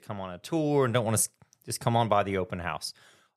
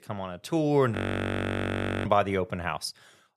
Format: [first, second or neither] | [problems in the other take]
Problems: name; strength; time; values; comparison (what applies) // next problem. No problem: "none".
first | audio freezing; at 1 s for 1 s